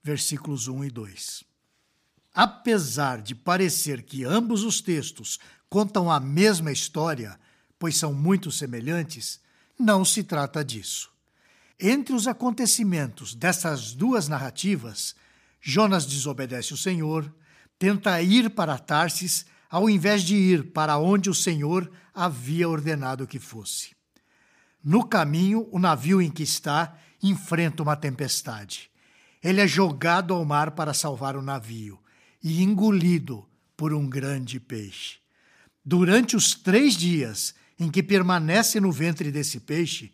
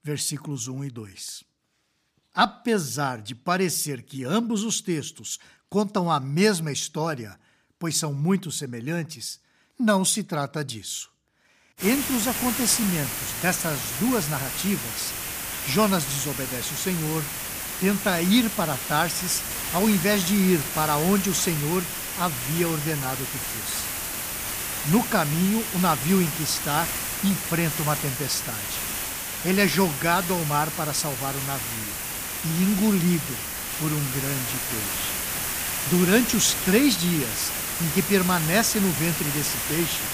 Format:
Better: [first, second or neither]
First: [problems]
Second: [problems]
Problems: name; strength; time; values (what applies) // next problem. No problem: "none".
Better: first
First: none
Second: hiss; loud; from 12 s on; 3 dB below the speech